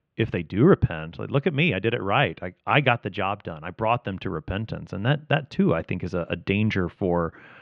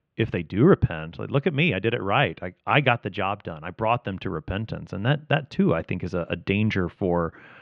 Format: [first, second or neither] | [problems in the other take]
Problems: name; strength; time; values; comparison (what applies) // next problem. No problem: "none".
neither | muffled; very; fading above 3 kHz; the same in both